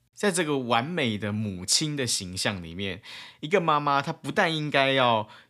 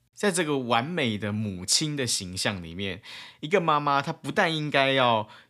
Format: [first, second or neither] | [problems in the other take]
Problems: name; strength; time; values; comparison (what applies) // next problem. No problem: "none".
neither | none